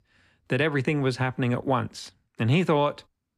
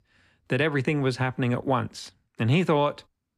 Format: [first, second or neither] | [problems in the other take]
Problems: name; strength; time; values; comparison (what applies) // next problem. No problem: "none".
neither | none